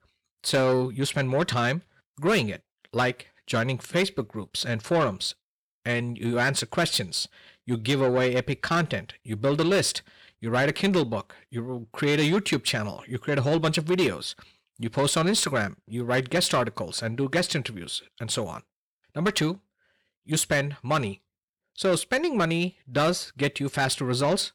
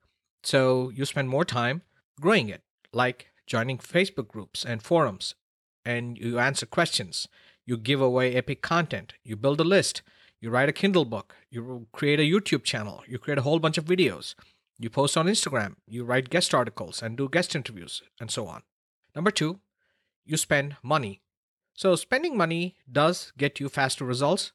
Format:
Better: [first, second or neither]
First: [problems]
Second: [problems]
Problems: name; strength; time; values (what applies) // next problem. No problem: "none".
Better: second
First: distortion; slight; 10 dB below the speech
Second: none